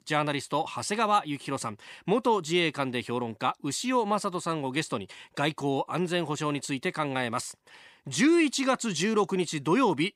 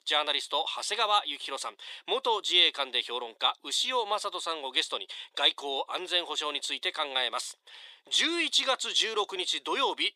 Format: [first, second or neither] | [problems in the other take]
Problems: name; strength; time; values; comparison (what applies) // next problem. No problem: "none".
first | thin; very; fading below 450 Hz